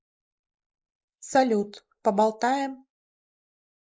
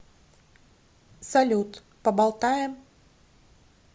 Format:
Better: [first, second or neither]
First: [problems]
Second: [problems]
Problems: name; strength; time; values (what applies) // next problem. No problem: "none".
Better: second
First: noise reduction (neural mask model Resemble Enhance denoiser)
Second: none